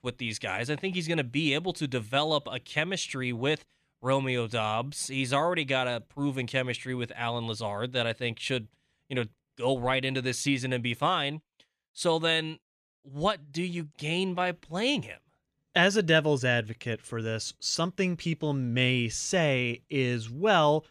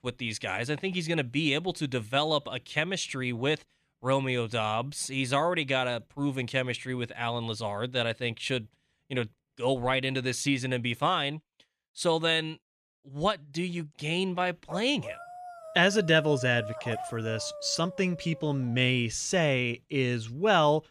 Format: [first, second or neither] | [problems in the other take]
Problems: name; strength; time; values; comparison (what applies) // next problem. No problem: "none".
first | dog barking; noticeable; from 15 to 19 s; peak 10 dB below the speech